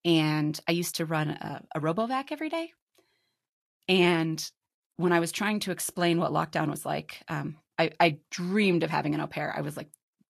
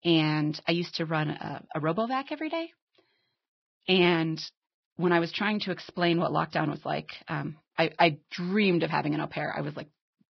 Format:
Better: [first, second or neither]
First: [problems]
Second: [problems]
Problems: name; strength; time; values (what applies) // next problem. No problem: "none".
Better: first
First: garbled, watery; slightly; nothing above 12.5 kHz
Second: garbled, watery; badly; nothing above 5.5 kHz